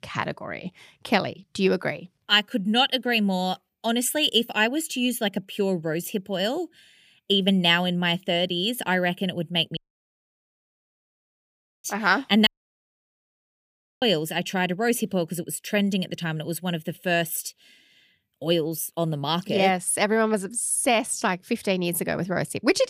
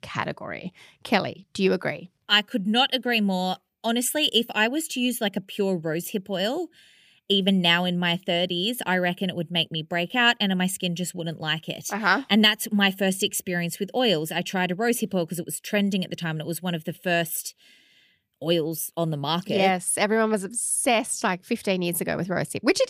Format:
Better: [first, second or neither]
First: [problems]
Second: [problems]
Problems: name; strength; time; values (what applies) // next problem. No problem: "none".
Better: second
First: audio cutting out; at 10 s for 2 s and at 12 s for 1.5 s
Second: none